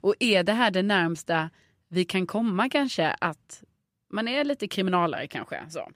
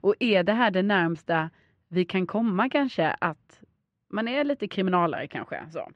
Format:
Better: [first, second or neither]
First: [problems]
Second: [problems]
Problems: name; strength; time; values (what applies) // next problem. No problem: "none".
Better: first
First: none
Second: muffled; slightly; fading above 2.5 kHz